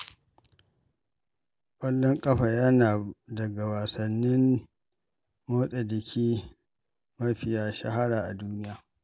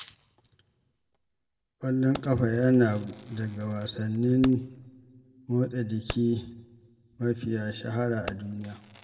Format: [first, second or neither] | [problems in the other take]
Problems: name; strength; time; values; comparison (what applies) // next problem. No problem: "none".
first | background sound (Fireworks); 18 dB below the speech // room echo; dies away in 1 s